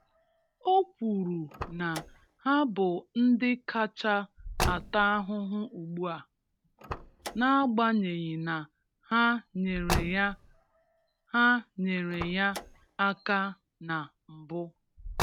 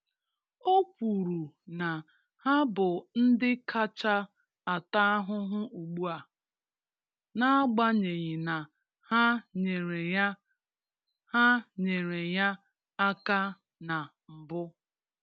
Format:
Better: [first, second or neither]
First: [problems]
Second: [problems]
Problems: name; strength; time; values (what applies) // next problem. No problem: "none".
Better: second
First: background sound (Car); 10 dB below the speech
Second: none